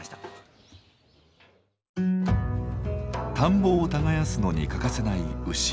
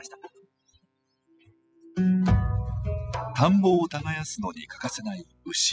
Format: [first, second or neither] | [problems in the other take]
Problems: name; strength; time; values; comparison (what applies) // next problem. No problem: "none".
first | noise reduction (classical method spectral subtraction)